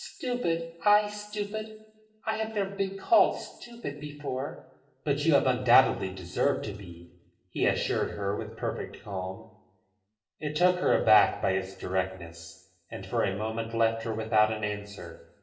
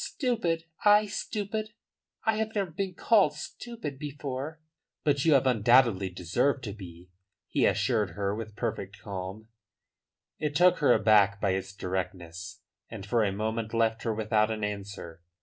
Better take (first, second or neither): second